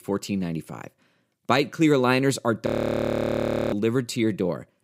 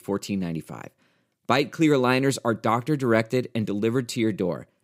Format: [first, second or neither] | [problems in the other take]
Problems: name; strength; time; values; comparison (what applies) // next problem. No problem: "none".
second | audio freezing; at 2.5 s for 1 s